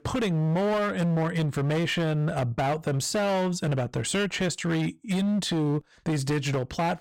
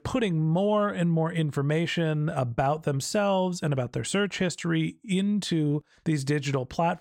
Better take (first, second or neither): second